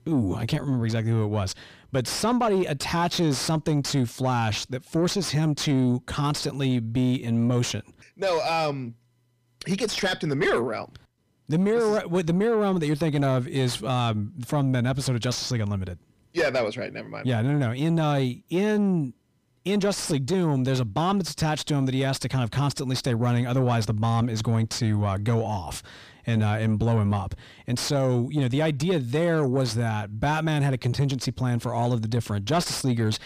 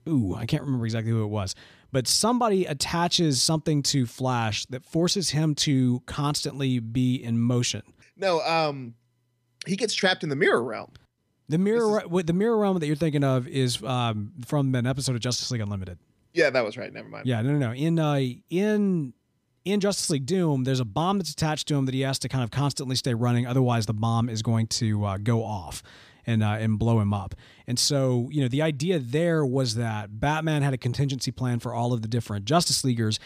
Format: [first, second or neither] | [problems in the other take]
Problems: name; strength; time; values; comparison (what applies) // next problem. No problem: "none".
second | distortion; slight; 10 dB below the speech